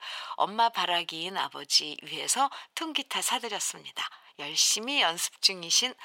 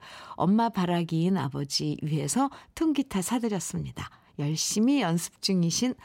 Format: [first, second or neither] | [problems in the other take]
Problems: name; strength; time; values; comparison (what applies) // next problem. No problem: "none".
second | thin; very; fading below 850 Hz